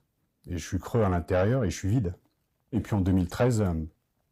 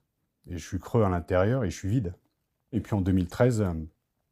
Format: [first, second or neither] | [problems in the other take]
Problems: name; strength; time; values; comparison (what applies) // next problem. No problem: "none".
second | distortion; slight; 10 dB below the speech